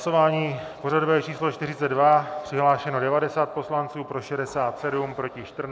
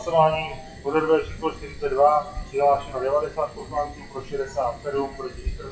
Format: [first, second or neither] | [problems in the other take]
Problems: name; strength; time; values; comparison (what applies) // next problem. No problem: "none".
first | noise reduction (classical method WPE with log-MMSE)